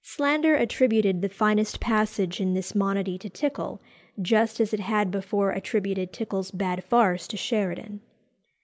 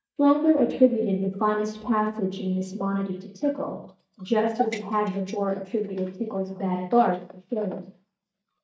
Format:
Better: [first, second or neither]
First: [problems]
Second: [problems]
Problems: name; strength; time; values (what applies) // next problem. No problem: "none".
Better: first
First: none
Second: noise reduction (neural mask model DeepFilterNet 3)